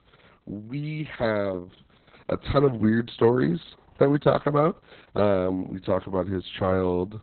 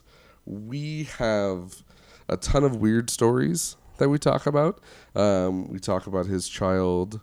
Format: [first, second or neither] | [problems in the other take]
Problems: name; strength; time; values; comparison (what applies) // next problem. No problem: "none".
second | garbled, watery; badly; nothing above 4 kHz